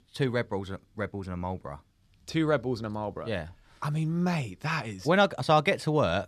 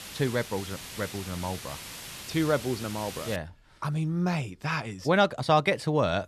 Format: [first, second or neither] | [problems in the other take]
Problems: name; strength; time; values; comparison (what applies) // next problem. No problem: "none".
first | hiss; noticeable; until 3.5 s; 10 dB below the speech